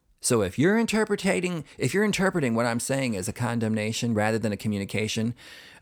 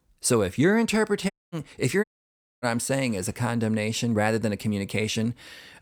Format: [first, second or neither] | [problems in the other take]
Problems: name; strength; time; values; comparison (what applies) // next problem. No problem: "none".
first | audio cutting out; at 1.5 s and at 2 s for 0.5 s